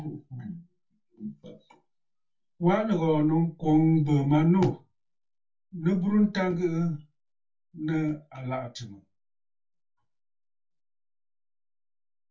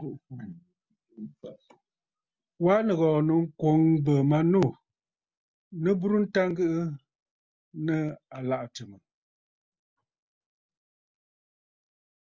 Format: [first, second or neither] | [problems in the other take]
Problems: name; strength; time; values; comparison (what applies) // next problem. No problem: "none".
second | room echo; dies away in 0.2 s